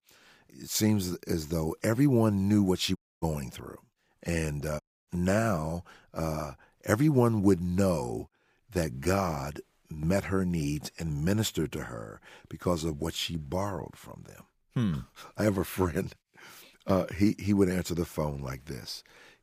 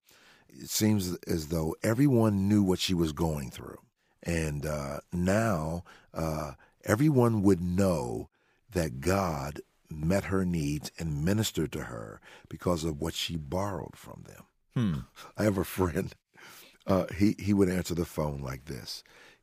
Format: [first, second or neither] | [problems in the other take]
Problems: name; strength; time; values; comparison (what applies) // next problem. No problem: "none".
second | audio cutting out; at 3 s and at 5 s